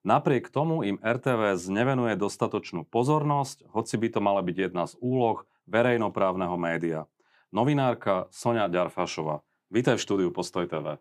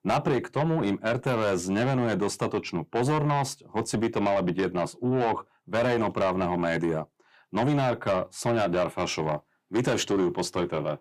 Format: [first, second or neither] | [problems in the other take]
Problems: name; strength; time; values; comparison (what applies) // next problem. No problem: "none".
first | distortion; heavy; 8 dB below the speech